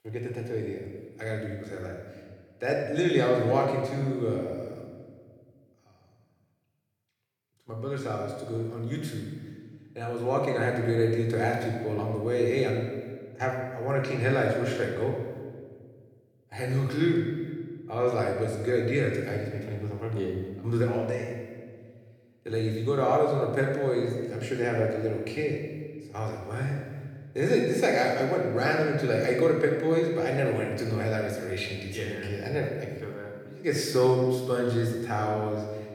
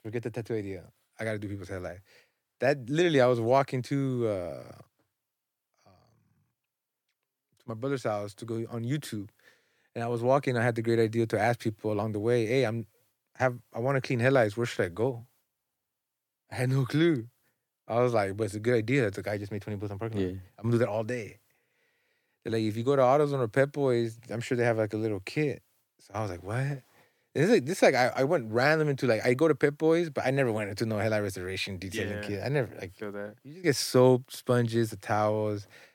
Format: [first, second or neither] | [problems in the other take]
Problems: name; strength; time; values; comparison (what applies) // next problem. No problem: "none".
second | room echo; noticeable; dies away in 1.4 s // off-mic speech; somewhat distant